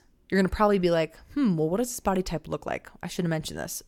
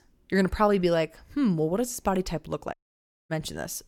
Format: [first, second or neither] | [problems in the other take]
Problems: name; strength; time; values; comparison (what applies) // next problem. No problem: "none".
first | audio cutting out; at 2.5 s for 0.5 s